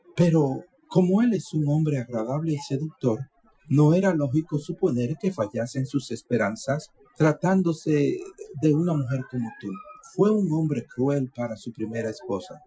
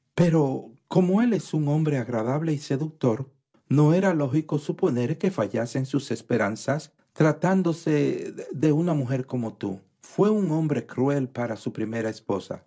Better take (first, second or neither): second